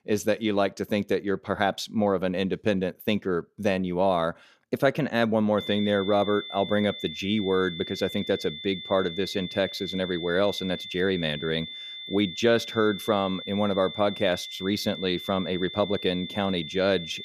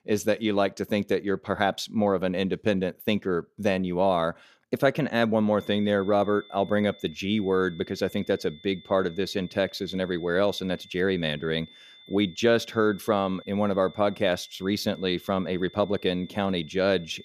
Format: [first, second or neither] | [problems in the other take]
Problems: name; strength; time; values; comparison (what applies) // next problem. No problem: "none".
second | high-pitched whine; loud; from 5.5 s on; 3.5 kHz, 10 dB below the speech; faint in the second